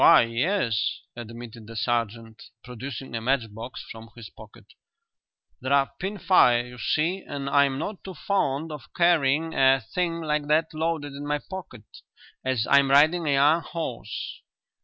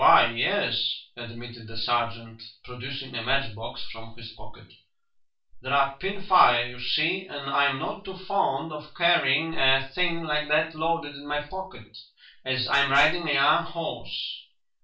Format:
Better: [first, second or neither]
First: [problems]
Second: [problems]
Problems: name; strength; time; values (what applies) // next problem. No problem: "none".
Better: first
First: none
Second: room echo; dies away in 0.3 s